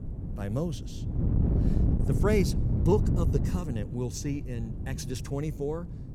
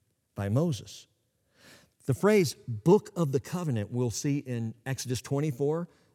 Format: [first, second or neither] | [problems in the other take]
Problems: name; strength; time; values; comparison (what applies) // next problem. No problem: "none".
second | wind noise on the microphone; heavy; 6 dB below the speech